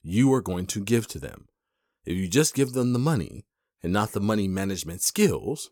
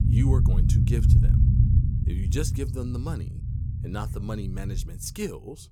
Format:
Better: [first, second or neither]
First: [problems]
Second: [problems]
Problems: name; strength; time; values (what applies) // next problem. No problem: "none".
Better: first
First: none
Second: low rumble; loud; throughout; 1 dB below the speech